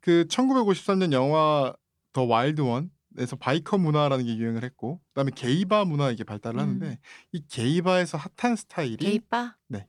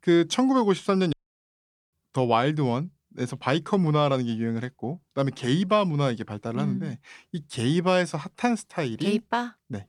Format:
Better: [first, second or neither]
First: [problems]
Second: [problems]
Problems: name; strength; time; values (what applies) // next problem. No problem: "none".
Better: first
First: none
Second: audio cutting out; at 1 s for 1 s